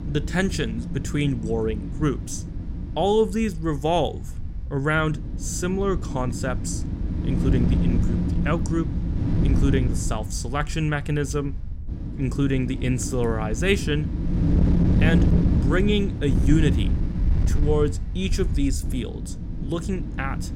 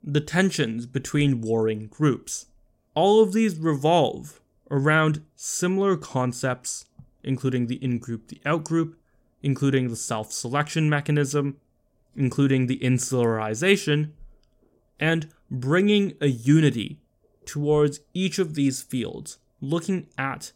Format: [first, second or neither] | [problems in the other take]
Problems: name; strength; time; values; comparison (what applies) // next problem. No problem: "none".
second | wind noise on the microphone; heavy; 8 dB below the speech